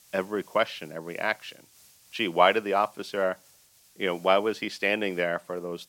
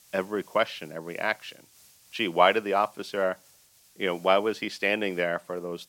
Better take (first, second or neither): neither